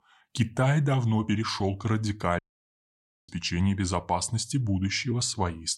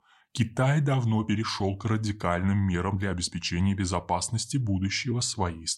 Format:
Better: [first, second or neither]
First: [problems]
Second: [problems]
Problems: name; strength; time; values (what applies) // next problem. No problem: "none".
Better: second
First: audio cutting out; at 2.5 s for 1 s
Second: none